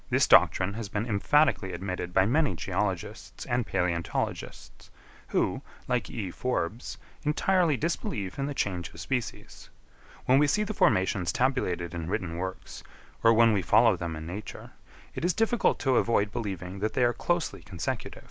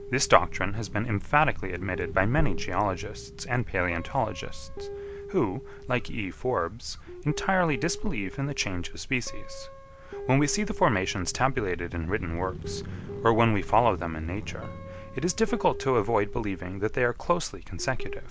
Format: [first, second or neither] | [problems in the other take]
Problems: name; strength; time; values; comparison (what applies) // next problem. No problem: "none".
first | background sound (Motorcycle + Guitar); 13 dB below the speech